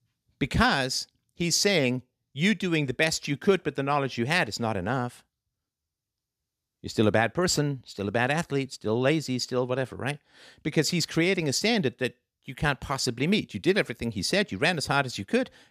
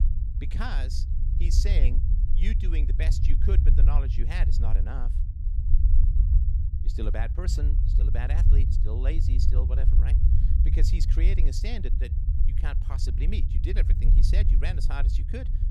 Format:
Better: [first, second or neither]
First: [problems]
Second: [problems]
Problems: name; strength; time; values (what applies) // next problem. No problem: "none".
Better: first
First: none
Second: low rumble; loud; throughout; 5 dB below the speech